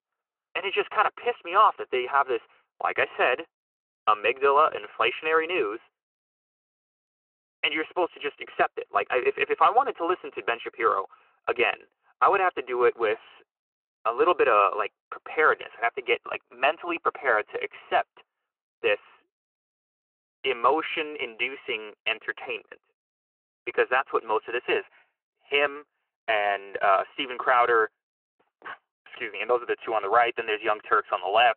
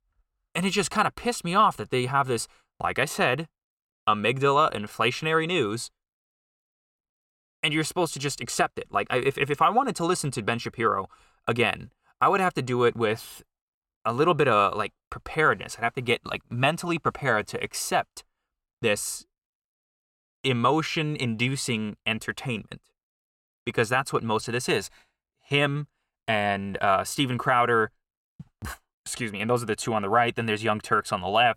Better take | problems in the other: second | phone-call audio

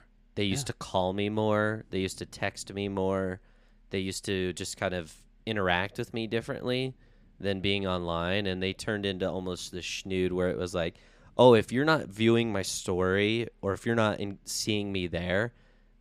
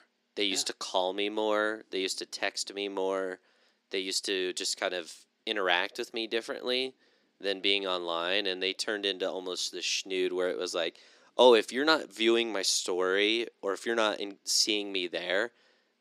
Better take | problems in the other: first | thin; somewhat; fading below 300 Hz

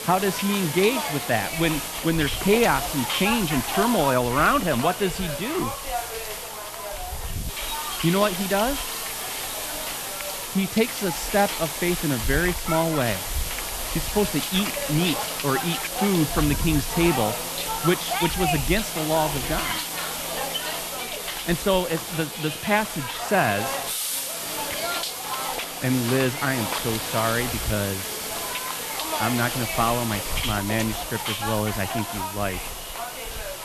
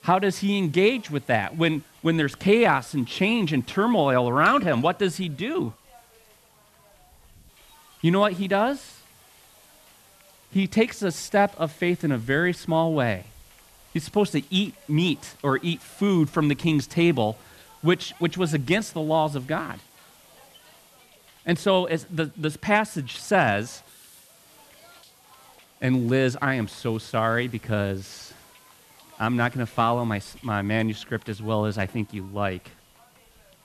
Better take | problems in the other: second | hiss; loud; throughout; 3 dB below the speech; faint in the second

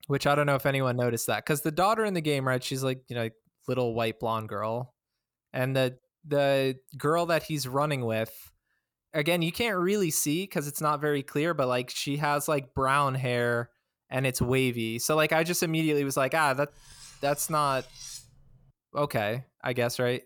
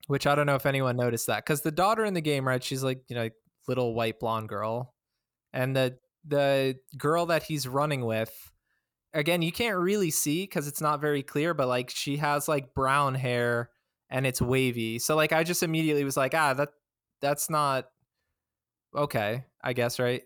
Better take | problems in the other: second | clattering dishes; faint; from 17 to 19 s; peak 15 dB below the speech

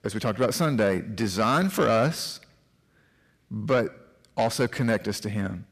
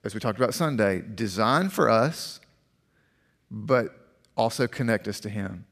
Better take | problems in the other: second | distortion; slight; 10 dB below the speech

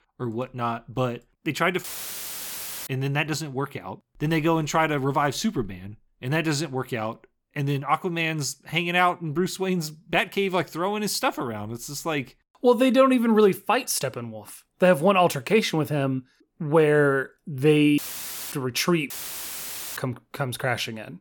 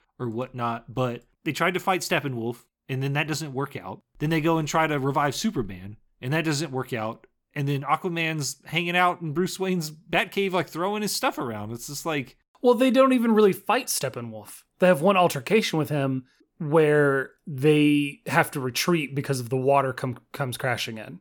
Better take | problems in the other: second | audio cutting out; filled with static; at 2 s for 1 s, at 18 s for 0.5 s and at 19 s for 1 s

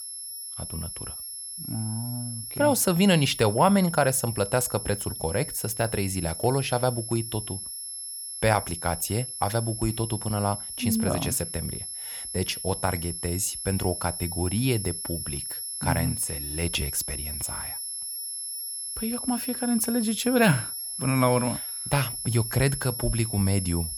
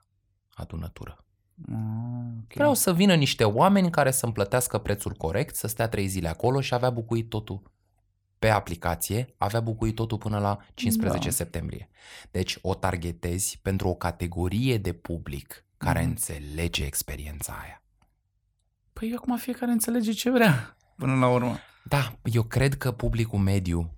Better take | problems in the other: second | high-pitched whine; loud; throughout; 11 kHz, 6 dB below the speech

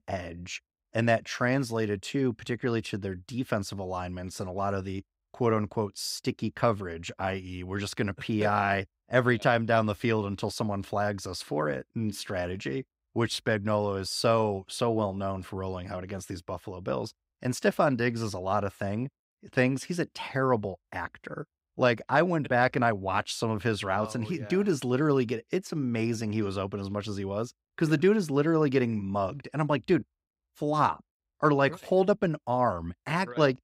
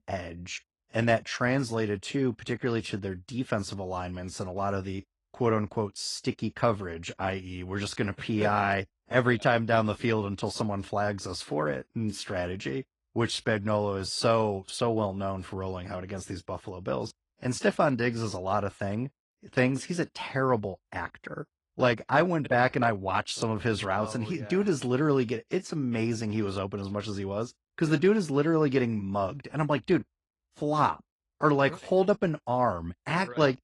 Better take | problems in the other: first | garbled, watery; slightly; nothing above 10.5 kHz

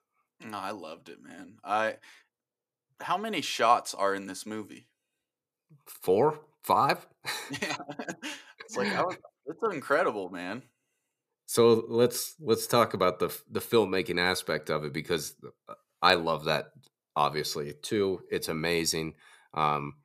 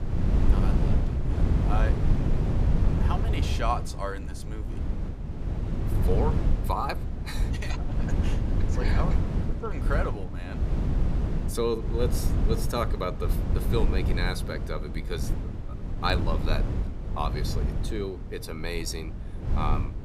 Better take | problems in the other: first | wind noise on the microphone; heavy; 6 dB below the speech

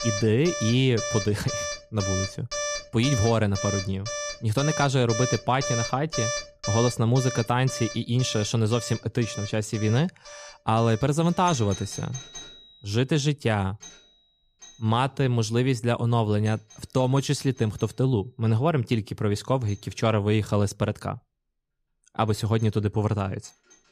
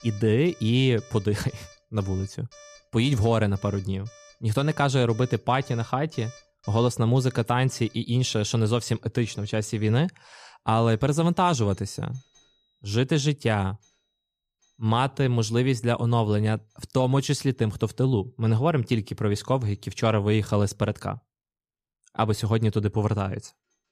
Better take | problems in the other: second | alarms or sirens; loud; throughout; 8 dB below the speech; faint in the second

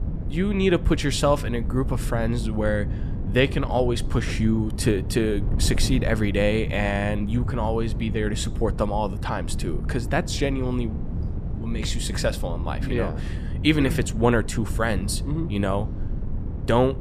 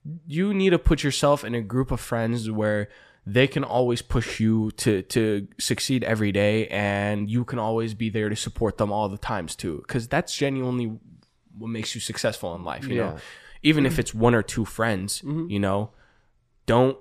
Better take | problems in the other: second | wind noise on the microphone; occasional gusts; 15 dB below the speech

